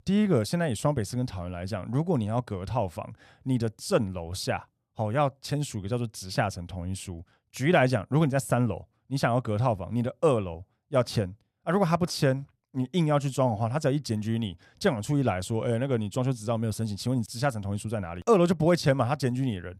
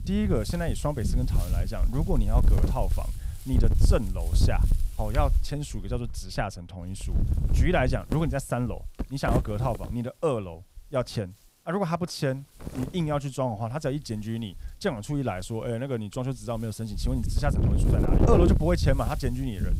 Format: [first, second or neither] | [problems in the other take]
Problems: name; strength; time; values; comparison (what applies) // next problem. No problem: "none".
first | wind noise on the microphone; heavy; 6 dB below the speech